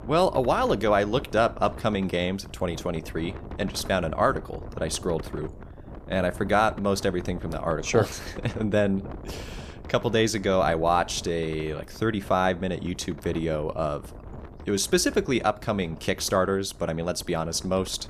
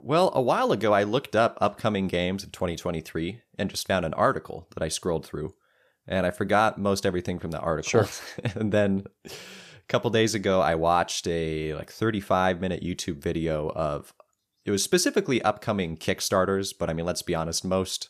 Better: second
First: wind noise on the microphone; occasional gusts; 20 dB below the speech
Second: none

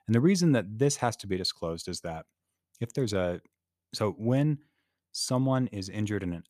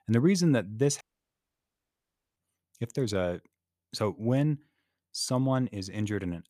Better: first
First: none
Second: audio cutting out; at 1 s for 1.5 s

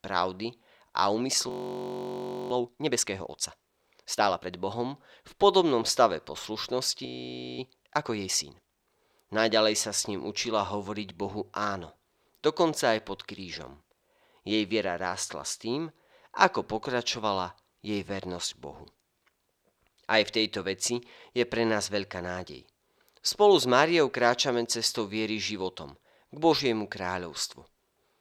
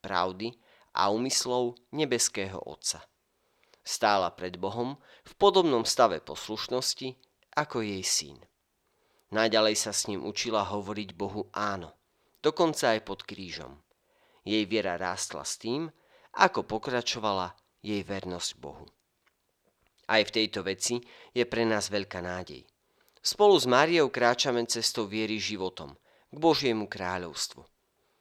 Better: second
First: audio freezing; at 1.5 s for 1 s and at 7 s for 0.5 s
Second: none

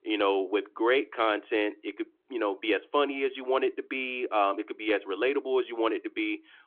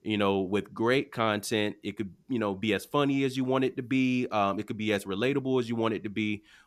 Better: second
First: phone-call audio; nothing above 3.5 kHz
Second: none

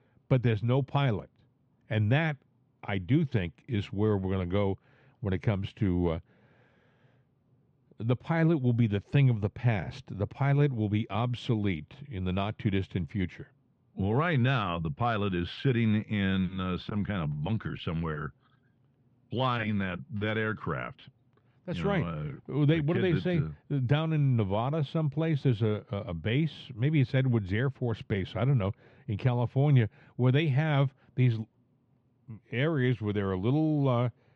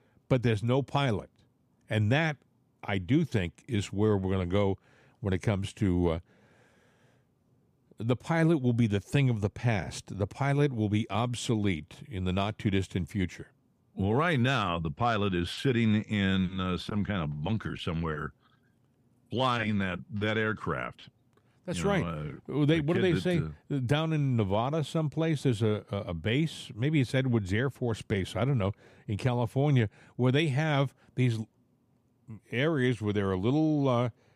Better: second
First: muffled; slightly; fading above 3.5 kHz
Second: none

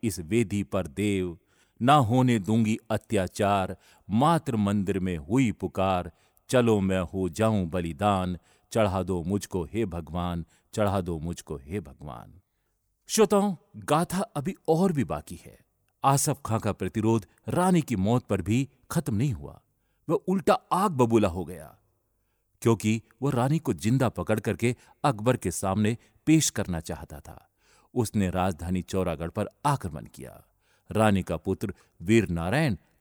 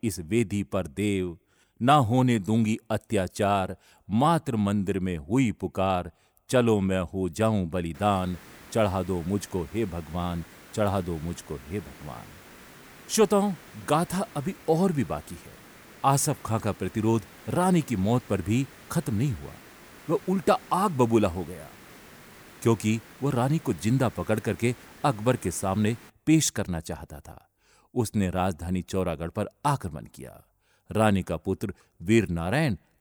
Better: first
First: none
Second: hiss; faint; from 8 to 26 s; 20 dB below the speech

